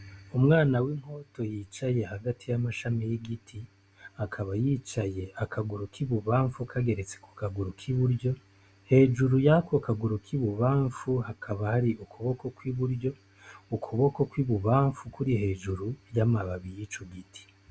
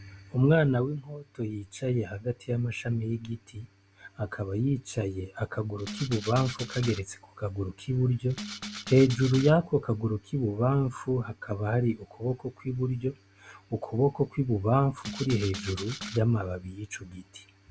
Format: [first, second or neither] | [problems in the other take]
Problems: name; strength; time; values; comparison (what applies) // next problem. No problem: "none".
first | background sound (Rattle (instrument)); 11 dB below the speech